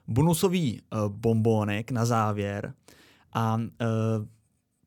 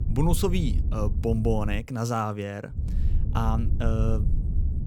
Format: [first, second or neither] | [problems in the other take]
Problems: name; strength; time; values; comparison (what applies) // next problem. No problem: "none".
first | low rumble; noticeable; until 2 s and from 2.5 s on; 15 dB below the speech